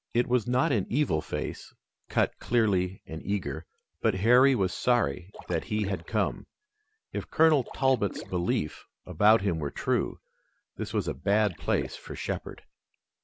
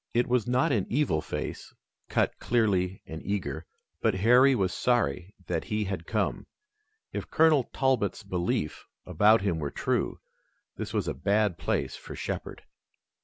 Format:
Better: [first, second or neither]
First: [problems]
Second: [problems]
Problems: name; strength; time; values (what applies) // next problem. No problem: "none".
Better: second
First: background sound (Splash, splatter); 16 dB below the speech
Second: none